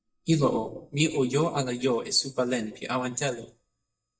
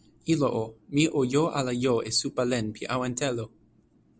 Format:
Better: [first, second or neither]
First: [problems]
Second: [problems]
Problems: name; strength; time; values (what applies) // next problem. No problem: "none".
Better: second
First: noise reduction (neural mask model DeepFilterNet 3)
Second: none